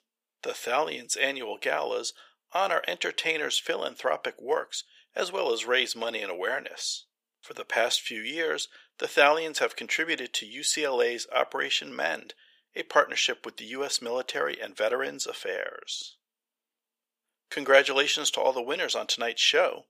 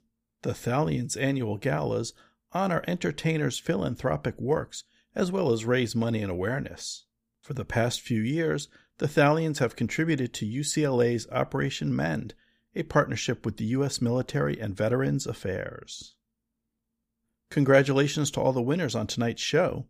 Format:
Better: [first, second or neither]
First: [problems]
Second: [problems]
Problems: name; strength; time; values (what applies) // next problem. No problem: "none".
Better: second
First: thin; very; fading below 500 Hz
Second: none